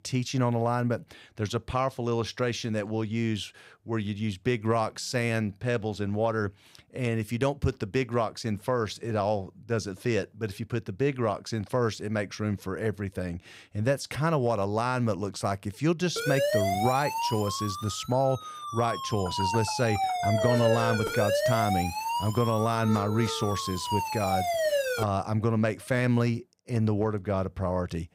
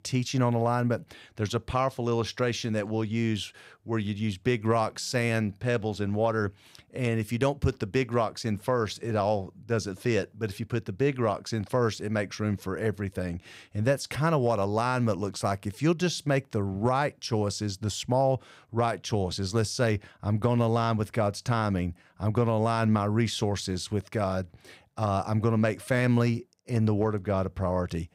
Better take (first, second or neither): second